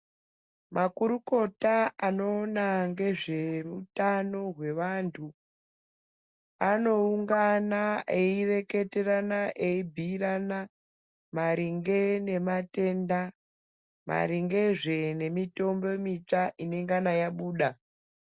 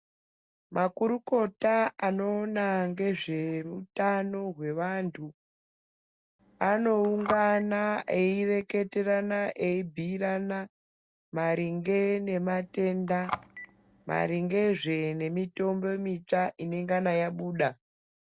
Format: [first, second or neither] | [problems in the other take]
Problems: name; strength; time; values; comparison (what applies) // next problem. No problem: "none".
first | background sound (Telephone); 14 dB below the speech